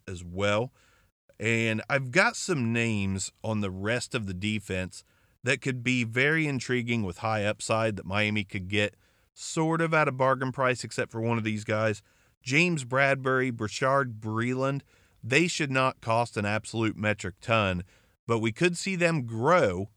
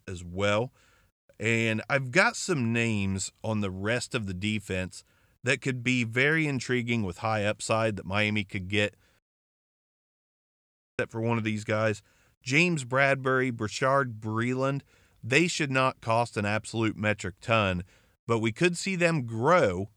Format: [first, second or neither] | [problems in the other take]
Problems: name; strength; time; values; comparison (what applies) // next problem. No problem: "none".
first | audio cutting out; at 9 s for 2 s